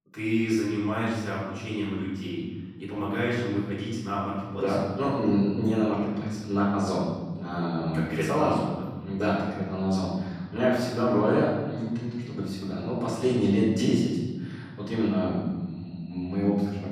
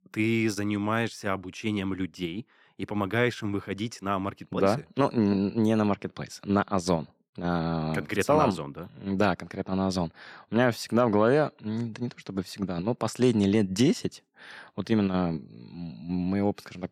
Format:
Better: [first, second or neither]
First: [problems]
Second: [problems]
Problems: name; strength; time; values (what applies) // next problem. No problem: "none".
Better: second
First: room echo; noticeable; dies away in 1.7 s // off-mic speech; far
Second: none